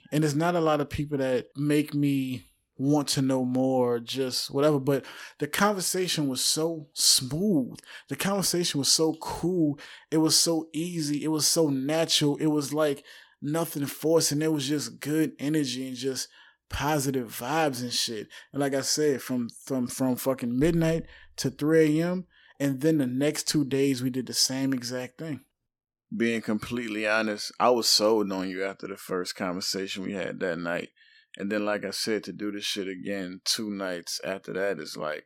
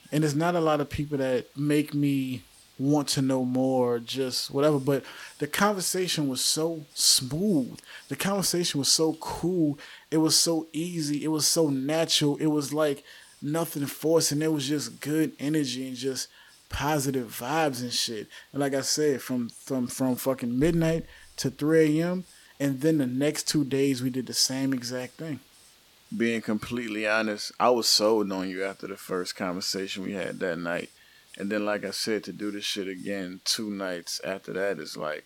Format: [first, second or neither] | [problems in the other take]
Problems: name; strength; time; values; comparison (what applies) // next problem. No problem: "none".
first | hiss; faint; throughout; 30 dB below the speech